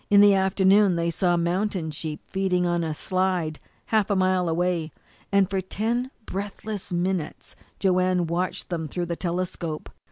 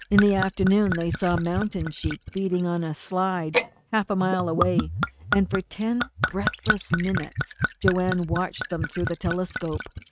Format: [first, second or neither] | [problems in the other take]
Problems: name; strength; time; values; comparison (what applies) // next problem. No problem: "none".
first | noise reduction (neural mask model RNNoise)